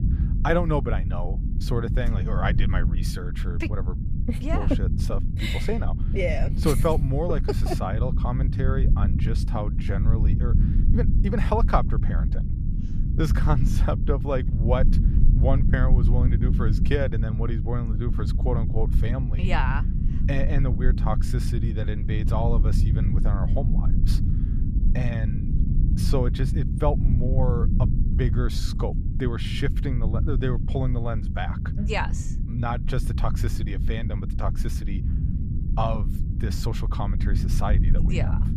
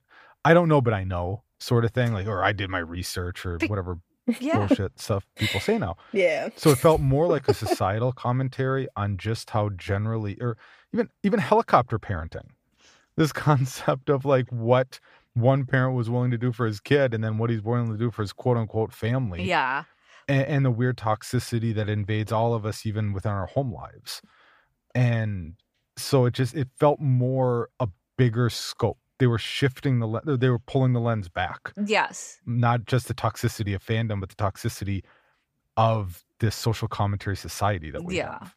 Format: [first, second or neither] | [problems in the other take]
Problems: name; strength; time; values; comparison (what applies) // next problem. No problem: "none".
second | low rumble; loud; throughout; 7 dB below the speech